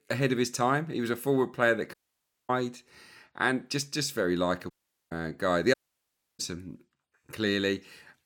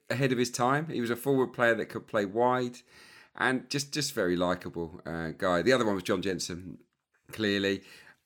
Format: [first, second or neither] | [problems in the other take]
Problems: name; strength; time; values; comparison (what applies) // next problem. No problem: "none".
second | audio cutting out; at 2 s for 0.5 s, at 4.5 s and at 5.5 s for 0.5 s